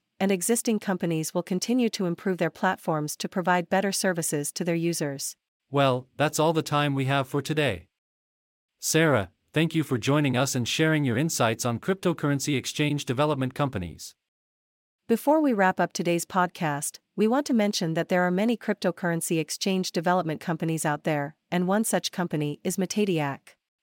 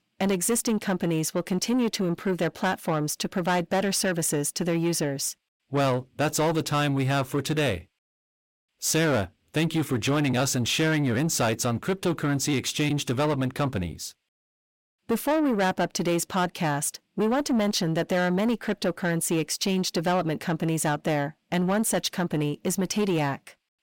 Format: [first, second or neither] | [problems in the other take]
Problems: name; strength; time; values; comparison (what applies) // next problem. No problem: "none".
first | distortion; slight; 10 dB below the speech